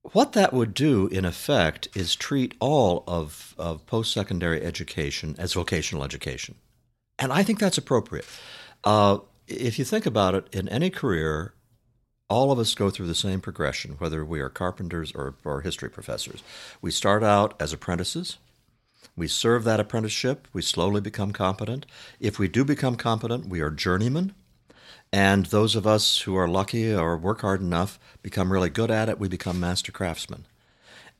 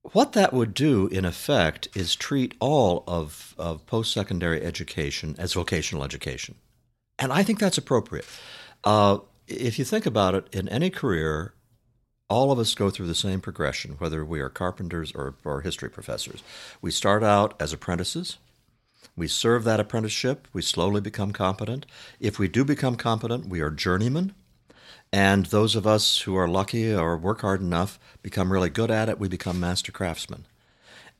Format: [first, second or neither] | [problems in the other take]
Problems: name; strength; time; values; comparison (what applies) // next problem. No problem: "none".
neither | none